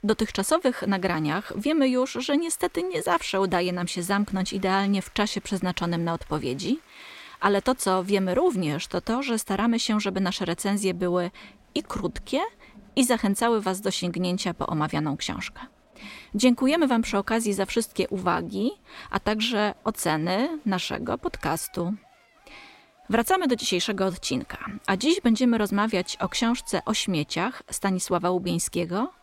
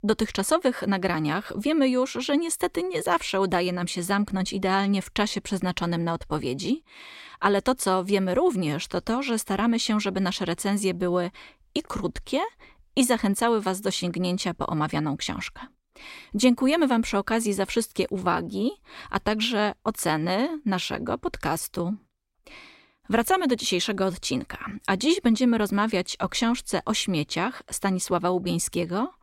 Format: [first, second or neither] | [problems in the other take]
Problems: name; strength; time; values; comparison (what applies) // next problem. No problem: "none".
second | crowd noise; faint; throughout; 30 dB below the speech